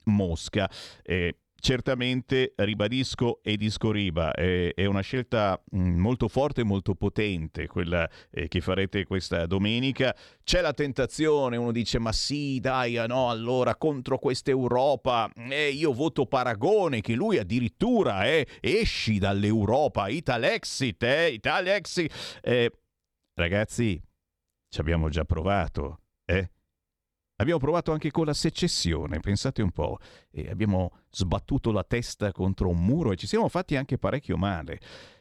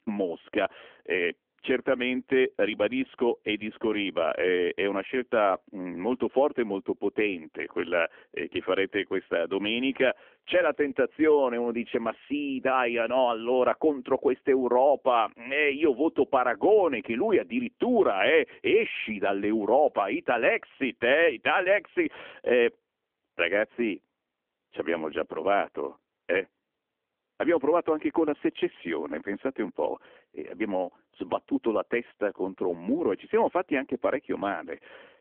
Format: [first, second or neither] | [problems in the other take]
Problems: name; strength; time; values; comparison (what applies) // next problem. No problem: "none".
first | phone-call audio; nothing above 3.5 kHz